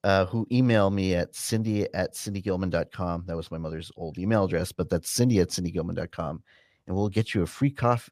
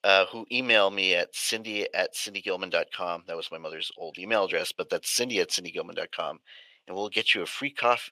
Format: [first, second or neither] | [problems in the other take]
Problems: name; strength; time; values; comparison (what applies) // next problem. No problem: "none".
first | thin; very; fading below 550 Hz